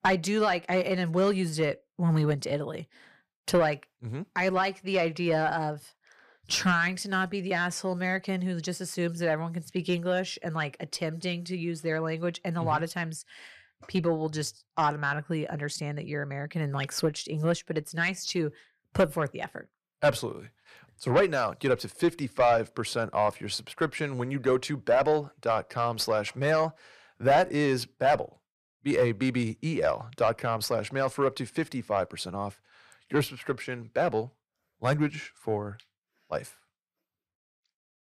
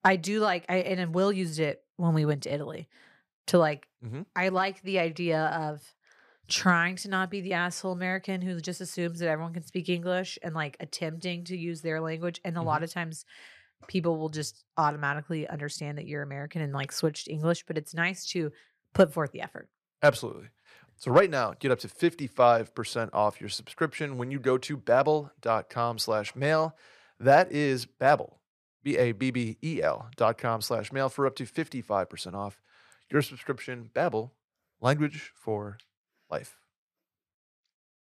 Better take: second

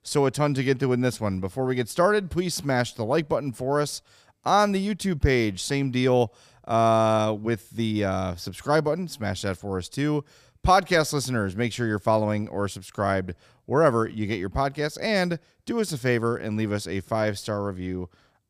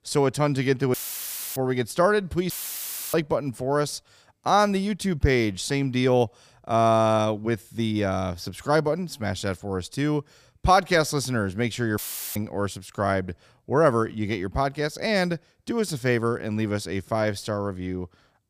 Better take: first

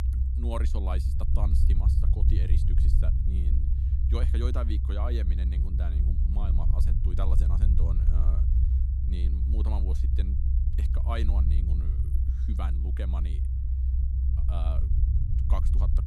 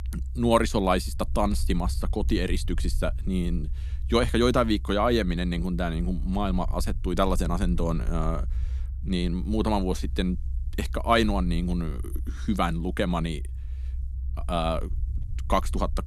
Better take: second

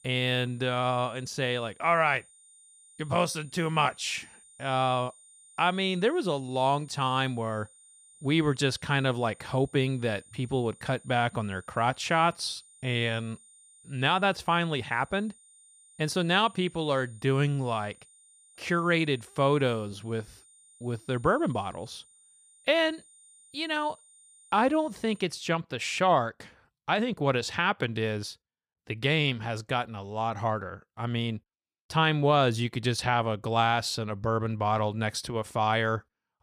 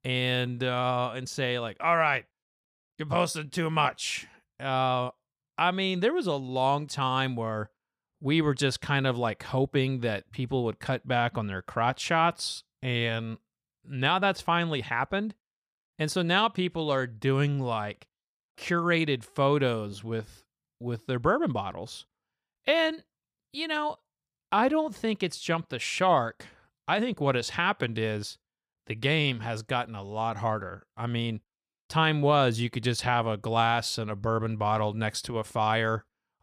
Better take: second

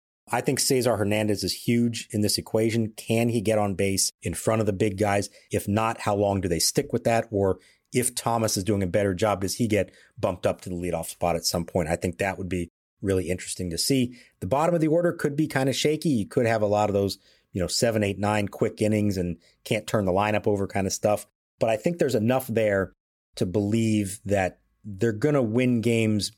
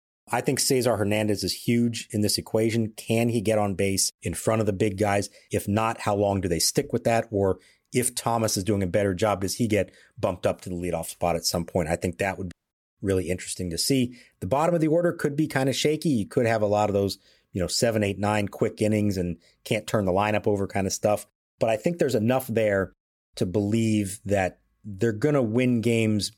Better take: first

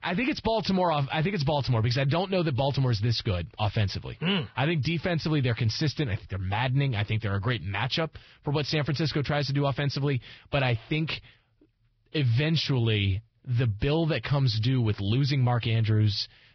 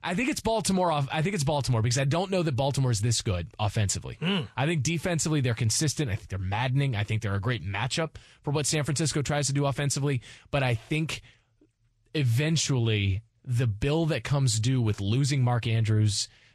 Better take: second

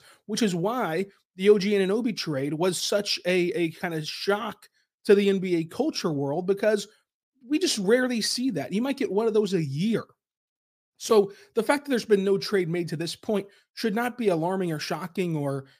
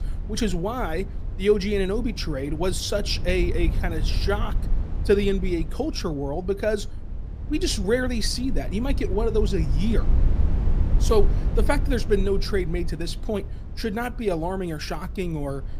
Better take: first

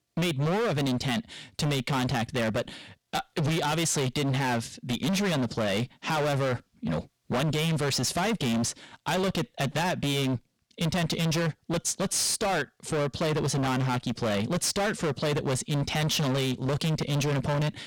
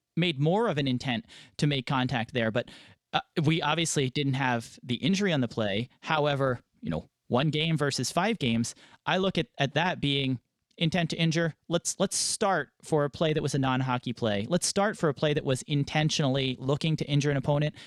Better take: second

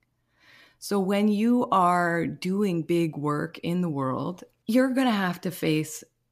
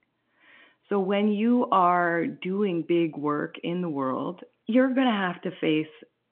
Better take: first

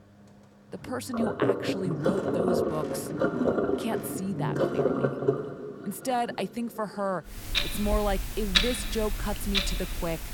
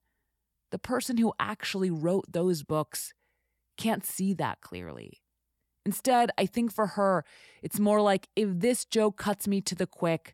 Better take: second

